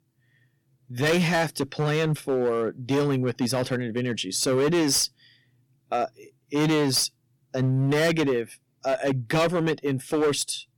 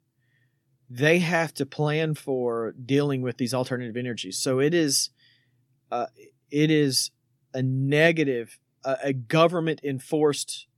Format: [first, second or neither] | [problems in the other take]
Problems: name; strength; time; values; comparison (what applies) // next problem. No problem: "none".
second | distortion; heavy; 11% of the sound clipped